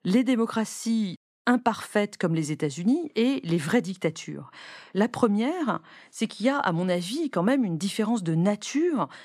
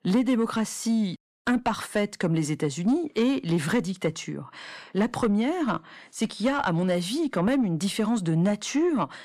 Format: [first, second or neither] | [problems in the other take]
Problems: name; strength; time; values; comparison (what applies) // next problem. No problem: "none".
first | distortion; slight; 10 dB below the speech